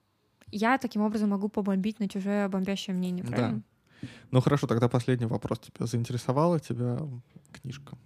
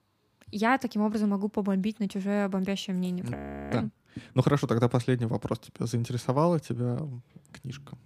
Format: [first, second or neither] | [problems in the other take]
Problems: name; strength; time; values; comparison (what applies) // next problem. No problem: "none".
first | audio freezing; at 3.5 s